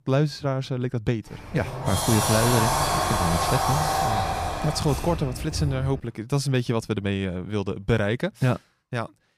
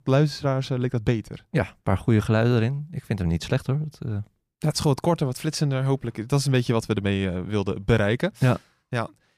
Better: second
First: door banging; loud; from 1.5 to 6 s; peak 4 dB above the speech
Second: none

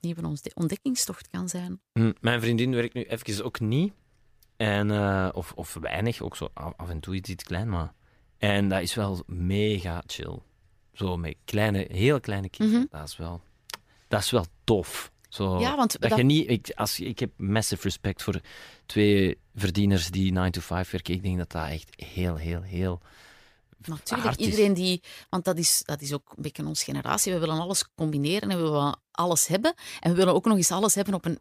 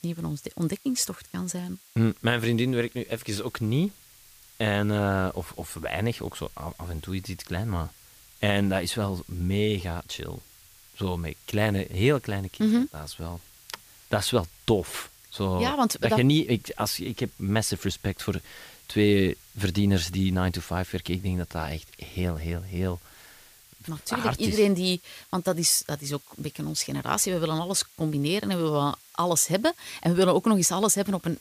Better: first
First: none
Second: hiss; faint; throughout; 25 dB below the speech

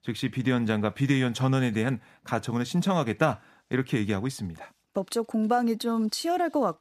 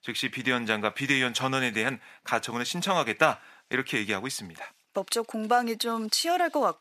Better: first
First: none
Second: thin; somewhat; fading below 950 Hz

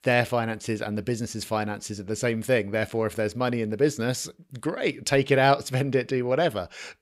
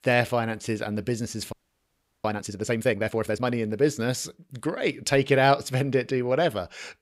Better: first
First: none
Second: audio freezing; at 1.5 s for 0.5 s

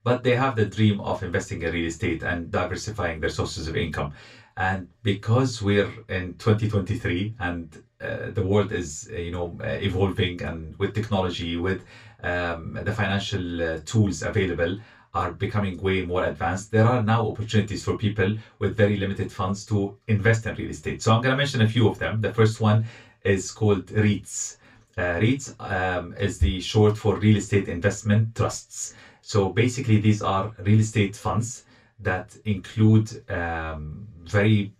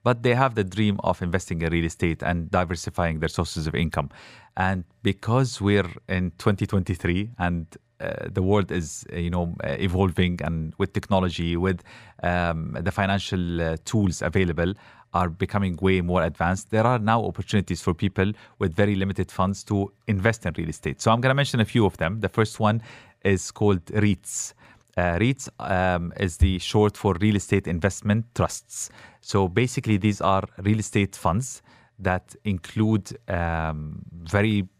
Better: second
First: room echo; very slight; dies away in 0.2 s // off-mic speech; far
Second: none

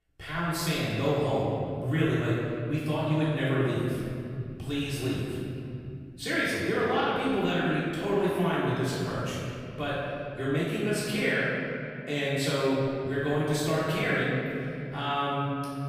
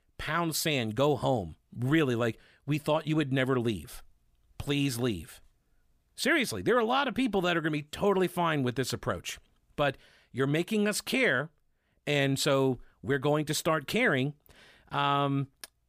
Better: second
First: room echo; strong; dies away in 2.9 s // off-mic speech; far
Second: none

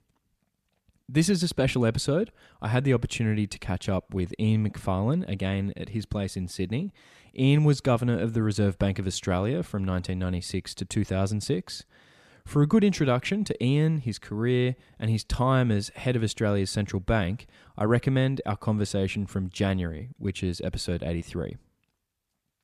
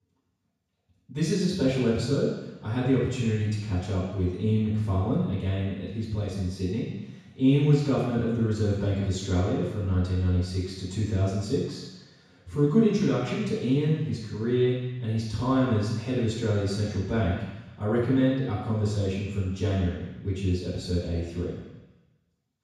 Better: first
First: none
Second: room echo; strong; dies away in 1.1 s // off-mic speech; far

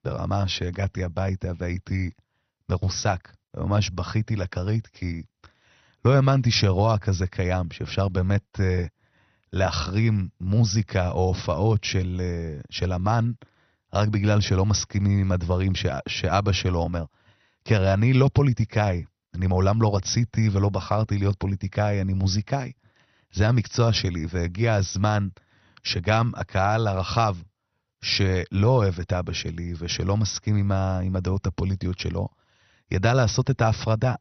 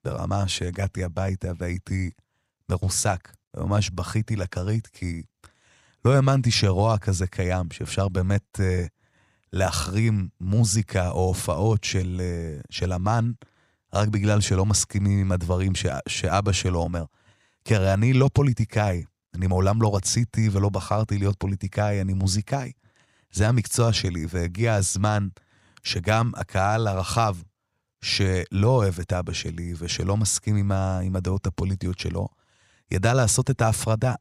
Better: second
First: garbled, watery; slightly; nothing above 6 kHz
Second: none

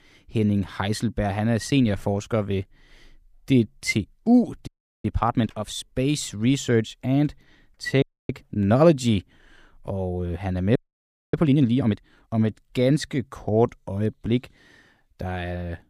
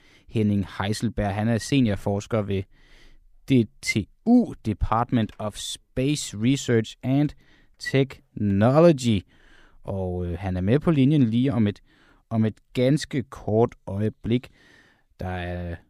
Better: second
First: audio freezing; at 4.5 s, at 8 s and at 11 s for 0.5 s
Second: none

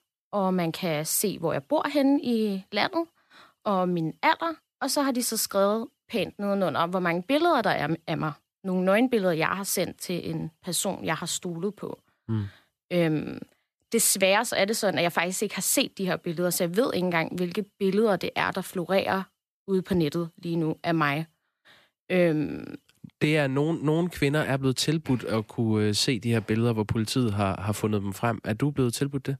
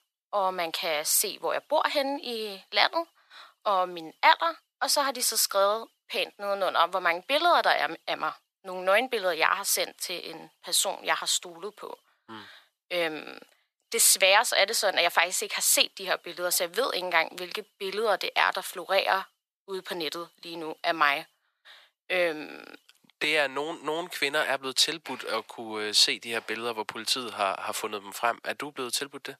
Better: first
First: none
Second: thin; very; fading below 750 Hz

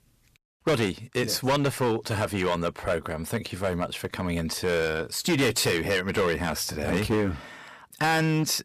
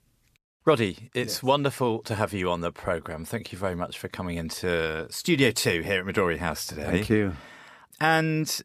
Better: second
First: distortion; heavy; 9% of the sound clipped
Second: none

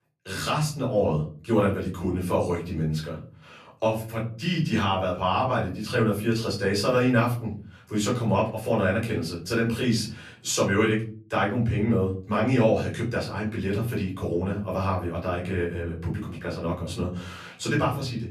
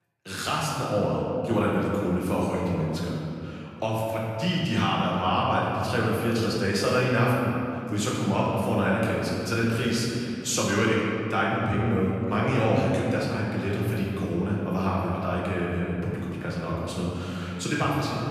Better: first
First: room echo; slight; dies away in 0.5 s // off-mic speech; far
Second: room echo; strong; dies away in 2.4 s // off-mic speech; far

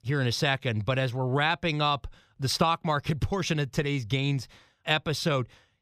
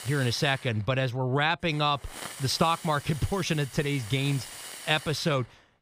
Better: first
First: none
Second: hiss; noticeable; throughout; 15 dB below the speech

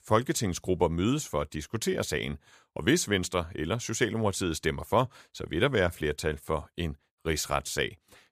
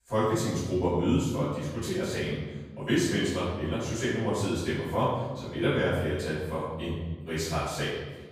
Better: first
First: none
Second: off-mic speech; far // room echo; strong; dies away in 1.2 s

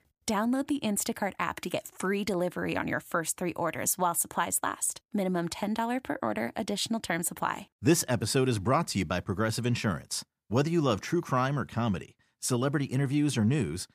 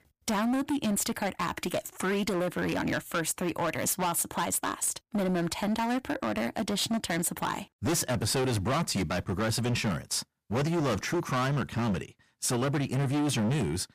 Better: first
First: none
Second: distortion; heavy; 22% of the sound clipped

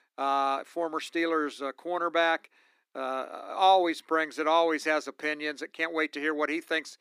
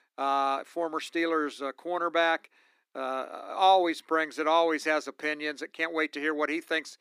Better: neither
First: thin; somewhat; fading below 300 Hz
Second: thin; somewhat; fading below 300 Hz

